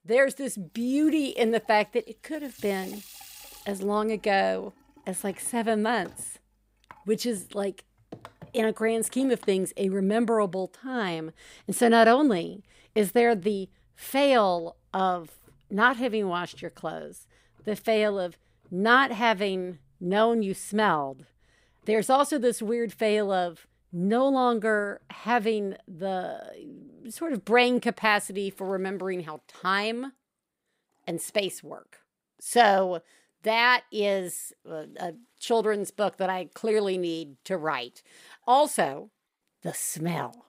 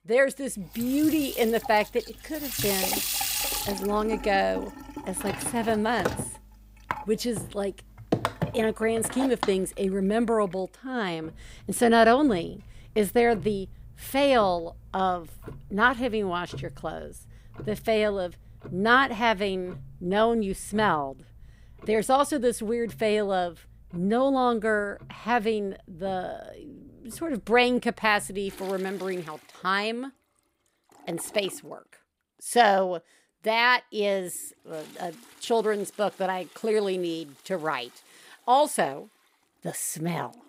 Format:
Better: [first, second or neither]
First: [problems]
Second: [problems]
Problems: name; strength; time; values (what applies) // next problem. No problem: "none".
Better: first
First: household noises; faint; throughout; 25 dB below the speech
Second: household noises; loud; throughout; 8 dB below the speech